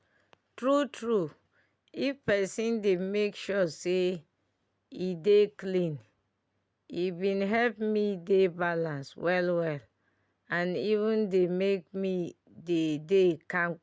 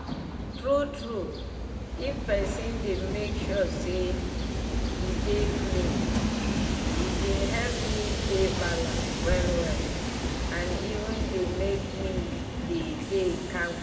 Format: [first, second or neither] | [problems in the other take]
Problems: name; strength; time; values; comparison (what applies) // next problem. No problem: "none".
first | background sound (Train); 3 dB above the speech // room echo; dies away in 1.4 s